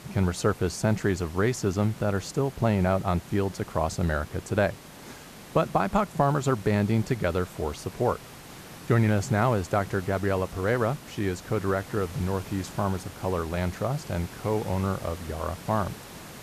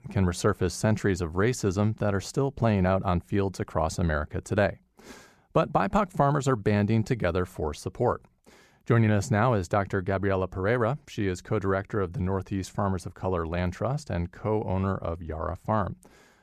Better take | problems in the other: second | hiss; noticeable; throughout; 15 dB below the speech

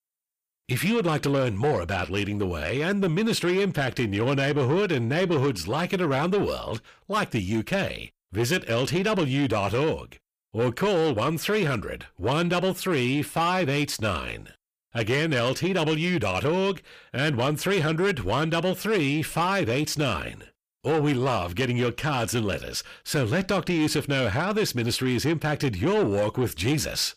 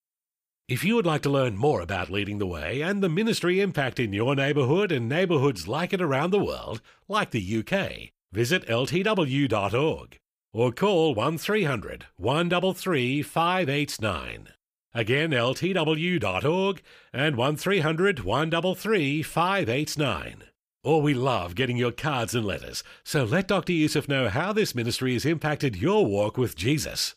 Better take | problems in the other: second | distortion; slight; 10 dB below the speech

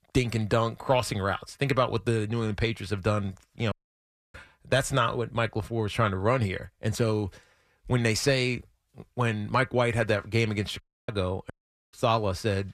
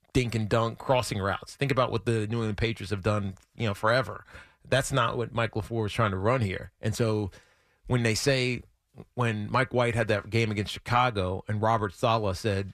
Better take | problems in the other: second | audio cutting out; at 3.5 s for 0.5 s, at 11 s and at 12 s

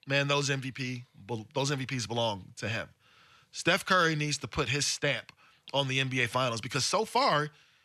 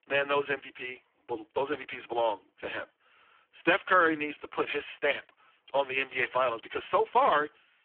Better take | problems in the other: first | phone-call audio; poor line

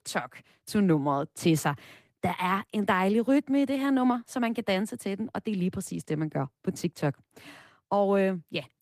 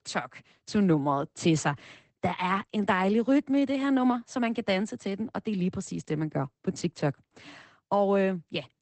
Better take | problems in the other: first | garbled, watery; badly; nothing above 8 kHz; slightly in the first

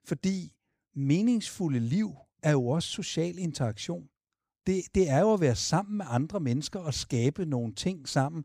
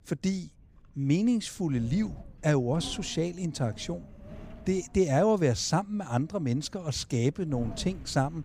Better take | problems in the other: first | wind noise on the microphone; occasional gusts; 20 dB below the speech

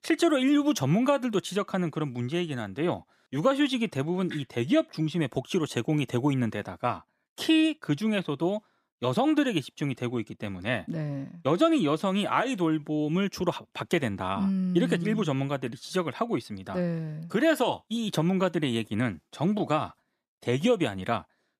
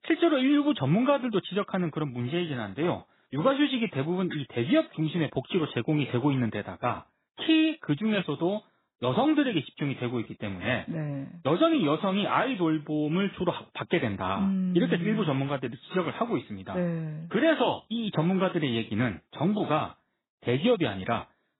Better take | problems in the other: first | garbled, watery; badly; nothing above 4 kHz

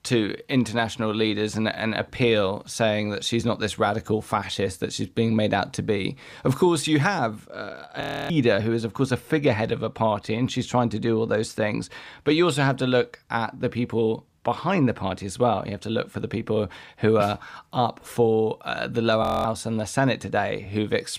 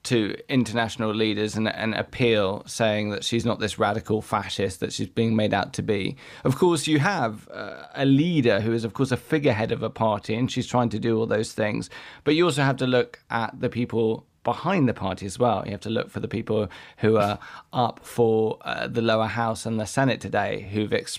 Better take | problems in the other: second | audio freezing; at 8 s and at 19 s

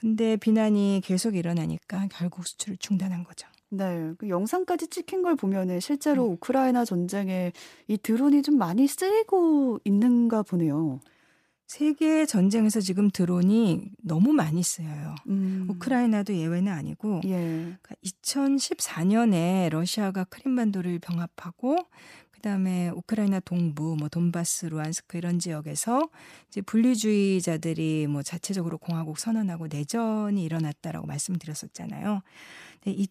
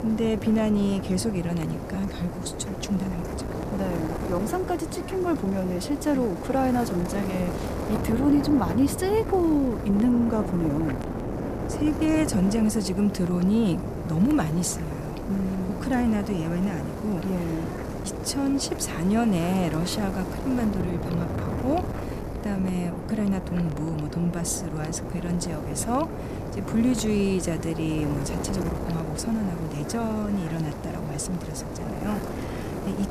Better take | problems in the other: first | wind noise on the microphone; heavy; 5 dB below the speech

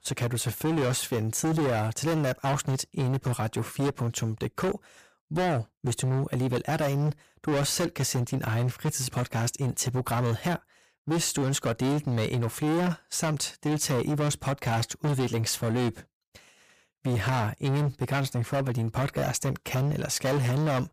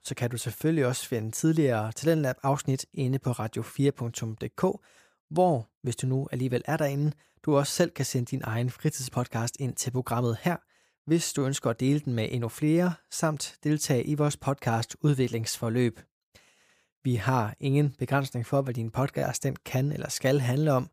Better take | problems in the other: second | distortion; heavy; 22% of the sound clipped

